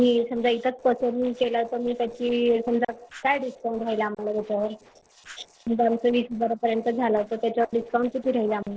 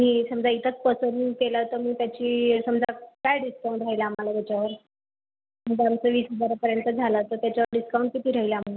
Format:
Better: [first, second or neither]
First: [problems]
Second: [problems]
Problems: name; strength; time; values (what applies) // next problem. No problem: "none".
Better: second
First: noise reduction (neural separator model SepFormer DNS4)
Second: none